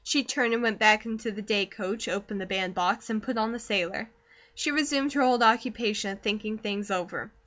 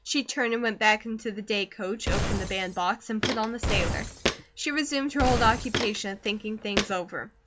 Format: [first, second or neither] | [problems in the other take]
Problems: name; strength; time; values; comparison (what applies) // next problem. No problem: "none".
first | background sound (Glass + Walk, footsteps); 2 dB below the speech